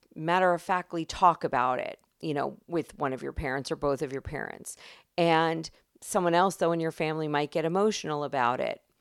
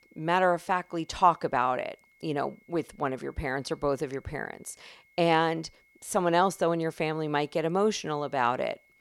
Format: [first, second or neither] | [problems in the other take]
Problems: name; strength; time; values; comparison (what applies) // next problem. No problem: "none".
first | high-pitched whine; faint; throughout; 2 kHz, 35 dB below the speech